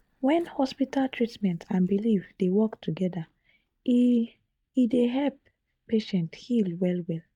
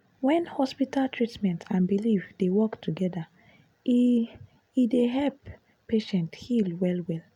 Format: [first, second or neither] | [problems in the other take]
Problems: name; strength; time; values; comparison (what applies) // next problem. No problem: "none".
second | noise reduction (neural mask model DeepFilterNet 3)